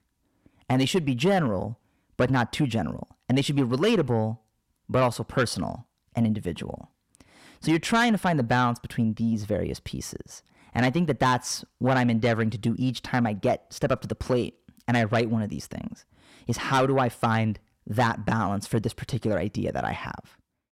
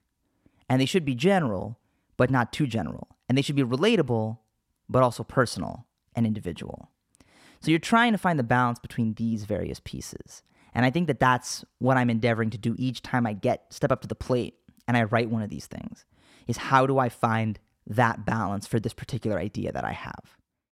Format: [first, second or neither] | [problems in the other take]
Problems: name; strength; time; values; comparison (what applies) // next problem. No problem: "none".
second | distortion; slight; 10 dB below the speech